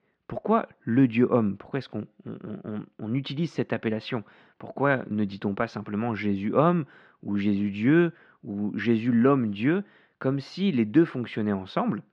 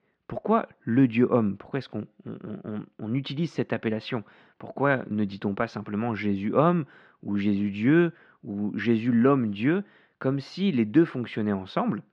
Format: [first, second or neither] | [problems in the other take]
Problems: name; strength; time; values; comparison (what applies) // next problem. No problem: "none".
neither | muffled; slightly; fading above 3 kHz; the same in both